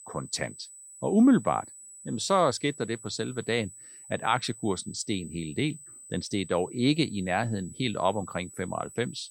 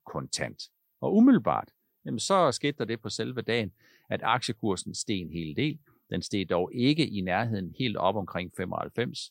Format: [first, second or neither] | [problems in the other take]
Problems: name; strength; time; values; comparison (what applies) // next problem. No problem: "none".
second | high-pitched whine; noticeable; throughout; 8 kHz, 15 dB below the speech